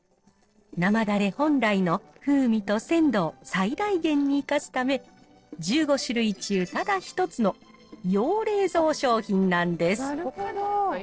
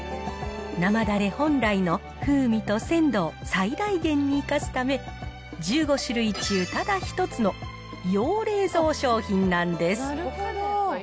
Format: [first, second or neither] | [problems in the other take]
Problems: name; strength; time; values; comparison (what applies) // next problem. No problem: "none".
second | noise reduction (neural separator model SepFormer DNS4)